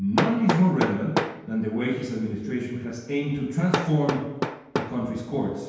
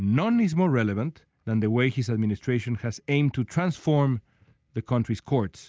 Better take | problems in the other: second | background sound (Hammer); 5 dB below the speech // room echo; dies away in 1.2 s

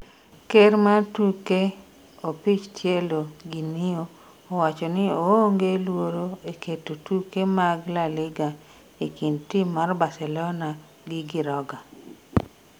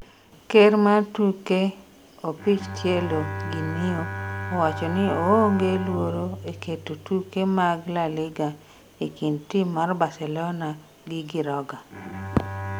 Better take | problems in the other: first | background sound (Bowed string instrument); 11 dB below the speech

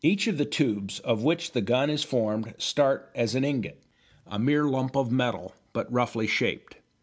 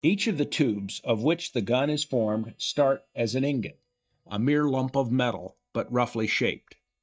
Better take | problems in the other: first | noise reduction (neural mask model DeepFilterNet 3)

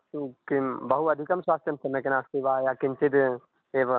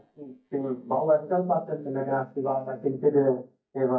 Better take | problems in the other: first | noise reduction (neural mask model DeepFilterNet 3)

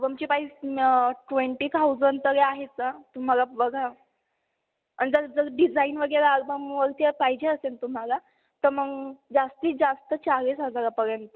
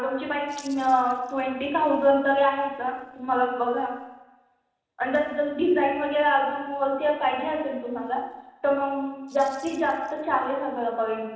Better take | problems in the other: first | noise reduction (neural separator model SepFormer DNS4)

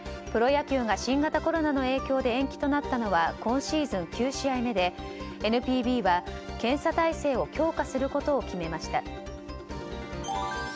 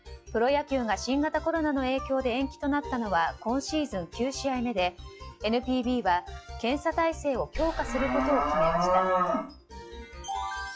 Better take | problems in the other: first | noise reduction (classical method log-MMSE)

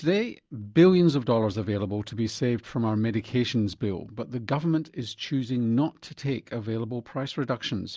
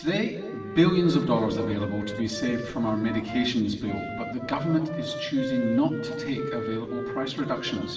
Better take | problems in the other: first | background sound (Wind instrument, woodwind instrument); 10 dB below the speech // room echo; dies away in 2.3 s

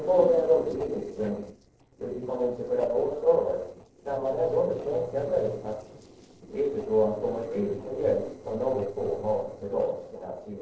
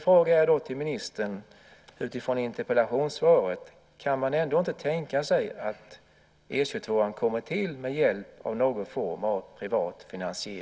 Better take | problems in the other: second | noise reduction (neural separator model SepFormer DNS4)

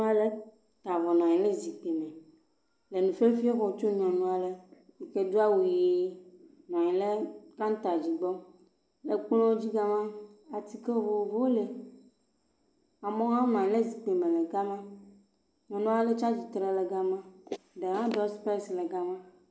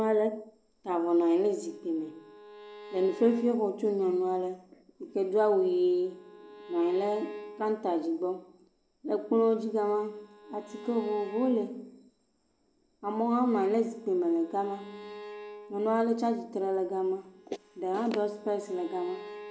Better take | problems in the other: first | background sound (Bowed string instrument); 19 dB below the speech

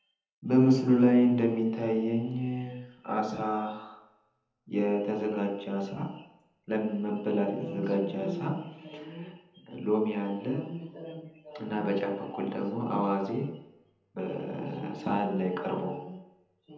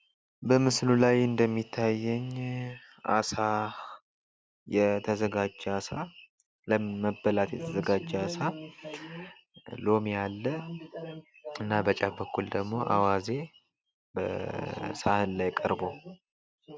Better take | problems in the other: second | room echo; dies away in 0.8 s

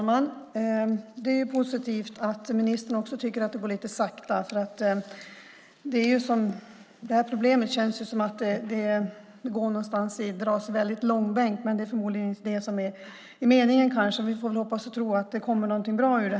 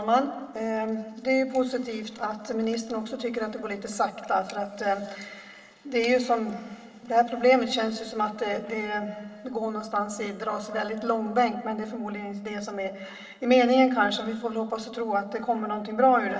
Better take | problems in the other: first | room echo; dies away in 1.8 s

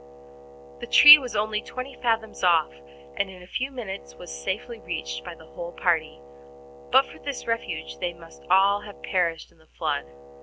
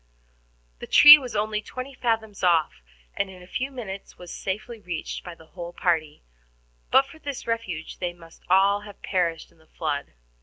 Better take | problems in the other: second | background sound (Wind instrument, woodwind instrument); 18 dB below the speech

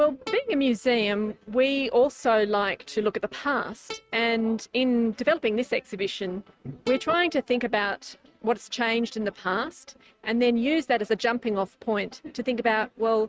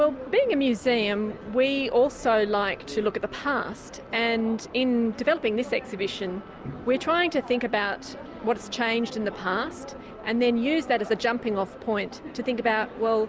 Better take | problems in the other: second | noise reduction (neural mask model RNNoise)

